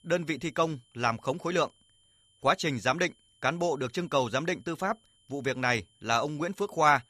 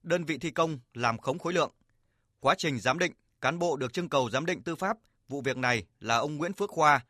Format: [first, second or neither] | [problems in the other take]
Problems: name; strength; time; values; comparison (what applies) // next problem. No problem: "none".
second | high-pitched whine; faint; throughout; 3 kHz, 35 dB below the speech